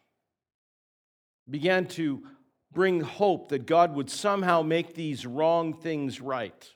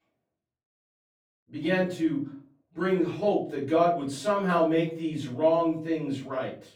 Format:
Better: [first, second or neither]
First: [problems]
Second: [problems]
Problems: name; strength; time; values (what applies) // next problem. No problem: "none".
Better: first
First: none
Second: off-mic speech; far // room echo; slight; dies away in 0.4 s